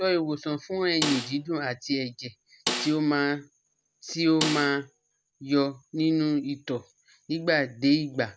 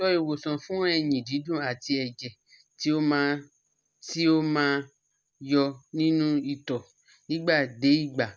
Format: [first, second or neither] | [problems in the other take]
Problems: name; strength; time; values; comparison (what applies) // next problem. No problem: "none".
second | background sound (Snare drum); 7 dB below the speech